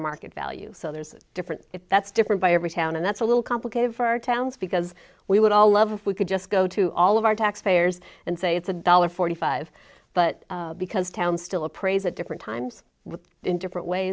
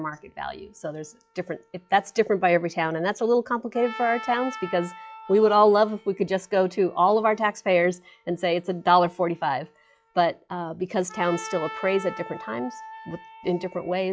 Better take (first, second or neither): first